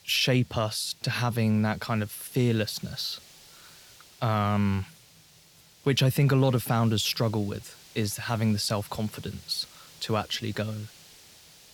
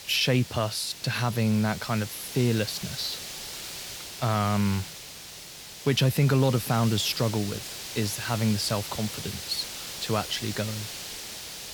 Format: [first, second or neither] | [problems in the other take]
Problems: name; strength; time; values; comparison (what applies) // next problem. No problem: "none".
first | hiss; loud; throughout; 9 dB below the speech; faint in the first